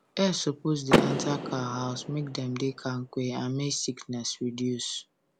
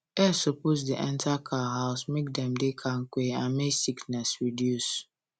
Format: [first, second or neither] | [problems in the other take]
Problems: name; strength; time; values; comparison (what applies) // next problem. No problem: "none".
second | background sound (Door / Car); 2 dB below the speech